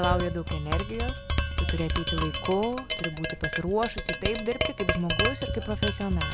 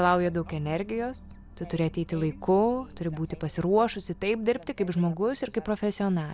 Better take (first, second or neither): second